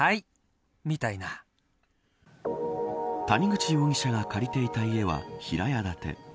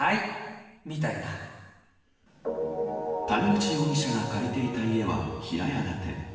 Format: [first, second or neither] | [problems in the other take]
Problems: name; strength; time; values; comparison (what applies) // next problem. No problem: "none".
first | room echo; dies away in 1.3 s